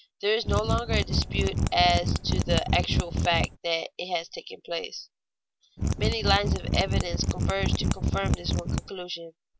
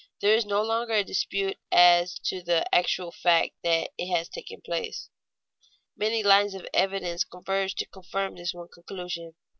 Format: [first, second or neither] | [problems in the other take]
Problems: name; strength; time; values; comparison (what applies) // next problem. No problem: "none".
second | background sound (Mechanisms); 3 dB above the speech